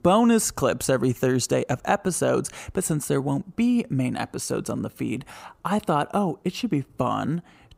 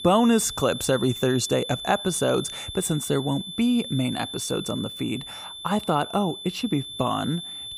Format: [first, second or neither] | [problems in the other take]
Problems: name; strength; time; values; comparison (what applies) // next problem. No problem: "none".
first | high-pitched whine; loud; throughout; 3.5 kHz, 9 dB below the speech